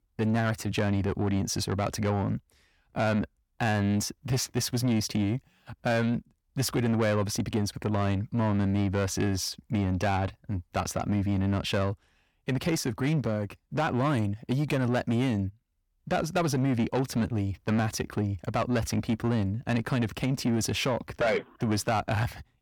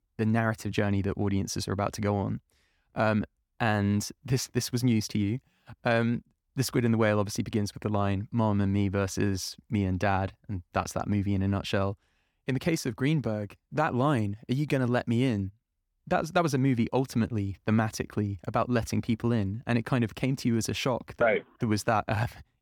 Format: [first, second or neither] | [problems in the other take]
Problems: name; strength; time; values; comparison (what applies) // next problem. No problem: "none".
second | distortion; slight; 10 dB below the speech